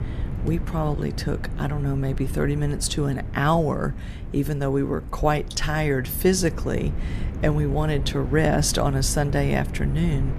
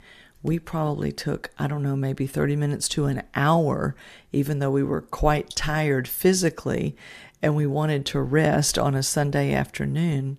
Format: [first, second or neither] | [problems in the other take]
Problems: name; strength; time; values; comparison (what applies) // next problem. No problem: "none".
second | wind noise on the microphone; occasional gusts; 15 dB below the speech